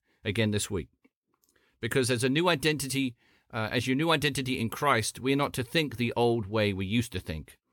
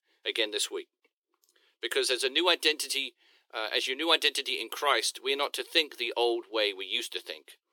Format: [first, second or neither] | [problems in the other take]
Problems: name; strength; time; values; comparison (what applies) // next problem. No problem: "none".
first | thin; very; fading below 350 Hz